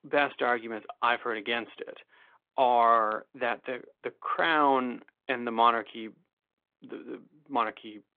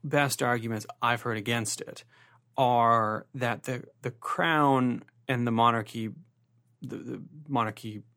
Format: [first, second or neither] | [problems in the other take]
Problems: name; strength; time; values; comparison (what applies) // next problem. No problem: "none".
second | phone-call audio